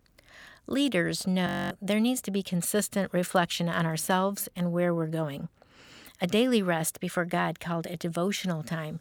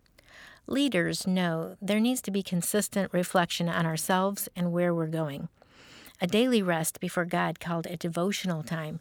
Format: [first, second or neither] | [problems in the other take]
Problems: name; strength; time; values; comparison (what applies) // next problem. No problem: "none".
second | audio freezing; at 1.5 s